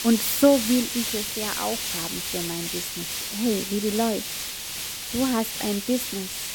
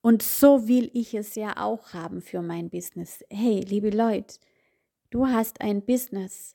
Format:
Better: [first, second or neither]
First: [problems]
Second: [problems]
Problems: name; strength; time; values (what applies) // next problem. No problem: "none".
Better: second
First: hiss; loud; throughout; 2 dB below the speech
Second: none